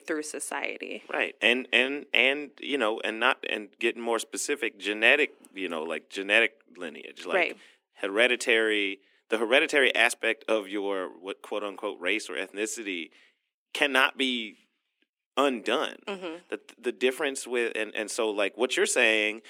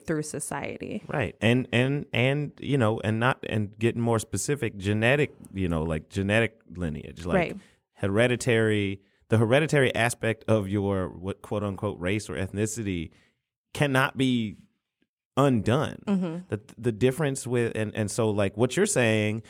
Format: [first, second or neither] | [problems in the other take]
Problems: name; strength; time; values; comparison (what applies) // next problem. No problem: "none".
second | thin; somewhat; fading below 300 Hz